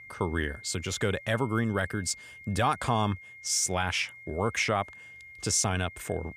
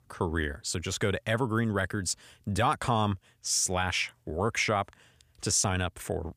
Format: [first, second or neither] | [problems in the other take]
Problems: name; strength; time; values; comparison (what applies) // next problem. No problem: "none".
second | high-pitched whine; noticeable; throughout; 2 kHz, 15 dB below the speech